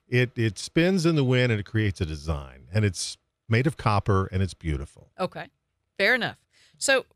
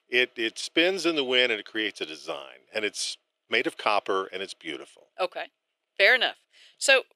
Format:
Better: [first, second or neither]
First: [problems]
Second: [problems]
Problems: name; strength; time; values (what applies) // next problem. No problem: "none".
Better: first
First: none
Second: thin; very; fading below 350 Hz